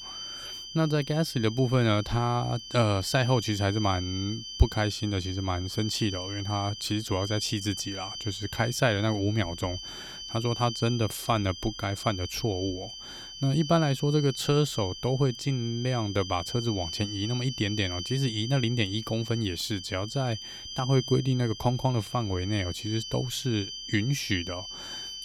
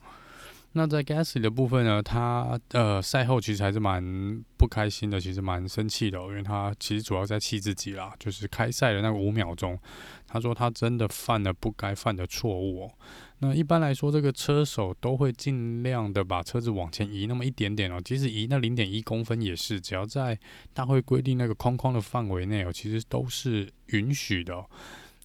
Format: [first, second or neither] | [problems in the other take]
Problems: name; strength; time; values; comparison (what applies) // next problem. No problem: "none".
second | high-pitched whine; loud; throughout; 3 kHz, 9 dB below the speech